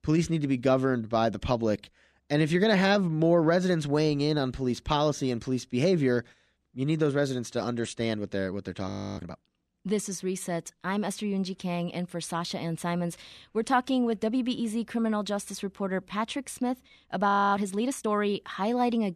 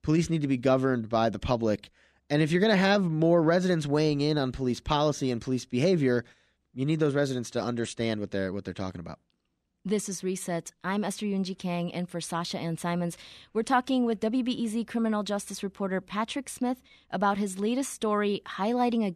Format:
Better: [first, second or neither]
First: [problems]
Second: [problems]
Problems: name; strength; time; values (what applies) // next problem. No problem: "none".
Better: second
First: audio freezing; at 9 s and at 17 s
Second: none